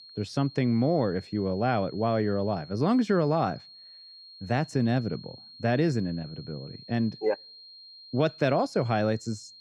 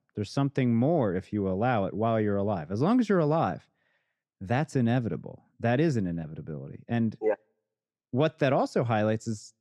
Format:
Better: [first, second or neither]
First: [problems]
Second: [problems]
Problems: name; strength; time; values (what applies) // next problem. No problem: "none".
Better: second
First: high-pitched whine; noticeable; throughout; 4.5 kHz, 20 dB below the speech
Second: none